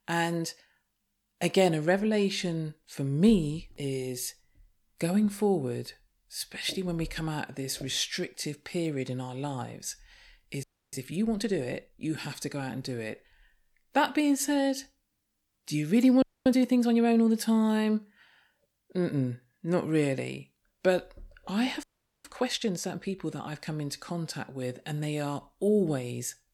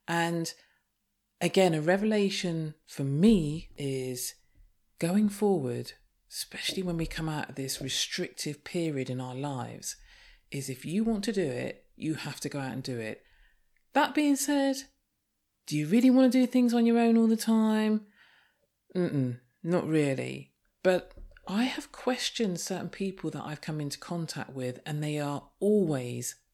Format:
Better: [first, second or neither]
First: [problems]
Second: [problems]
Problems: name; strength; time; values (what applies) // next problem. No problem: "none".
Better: second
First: audio freezing; at 11 s, at 16 s and at 22 s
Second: none